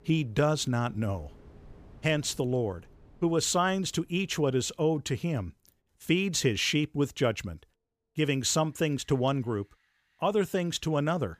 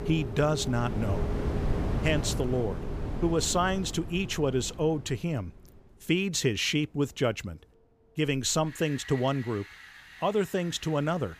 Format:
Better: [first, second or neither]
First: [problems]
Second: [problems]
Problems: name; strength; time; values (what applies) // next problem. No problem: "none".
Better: first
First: wind in the background; faint; throughout; 30 dB below the speech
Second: wind in the background; loud; throughout; 7 dB below the speech